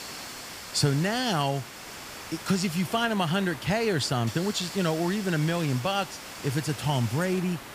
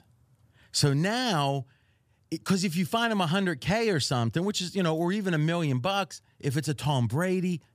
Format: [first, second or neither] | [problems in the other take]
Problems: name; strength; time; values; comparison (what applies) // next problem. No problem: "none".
second | hiss; noticeable; throughout; 10 dB below the speech